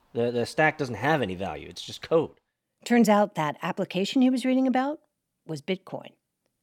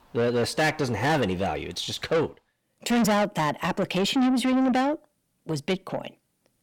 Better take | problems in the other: first | distortion; heavy; 7 dB below the speech

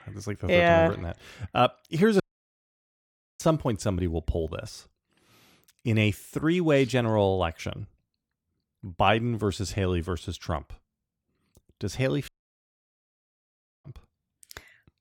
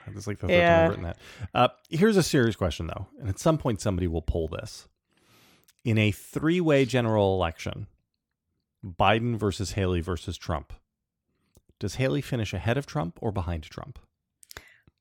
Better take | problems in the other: second | audio cutting out; at 2 s for 1 s and at 12 s for 1.5 s

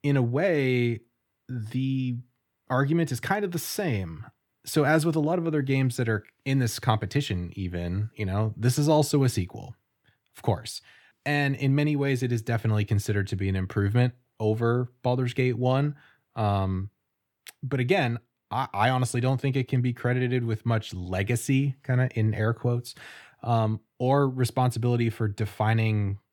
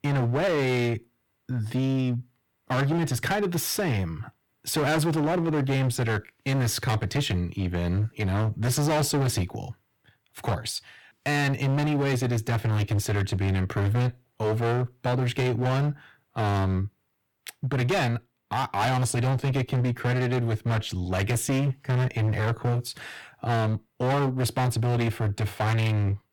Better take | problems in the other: first | distortion; heavy; 23% of the sound clipped

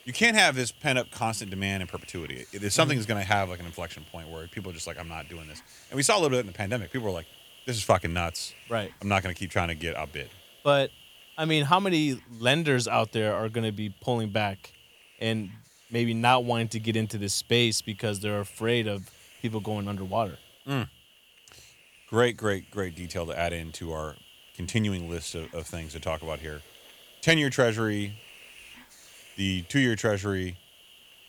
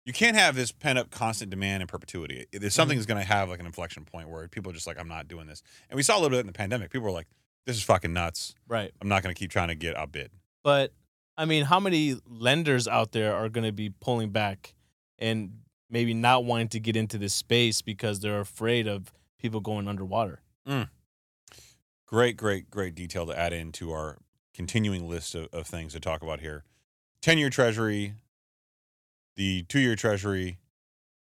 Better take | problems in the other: second | hiss; faint; throughout; 25 dB below the speech

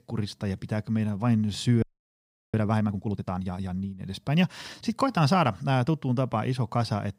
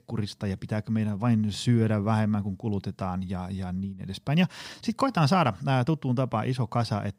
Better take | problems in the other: second | audio freezing; at 2 s for 0.5 s

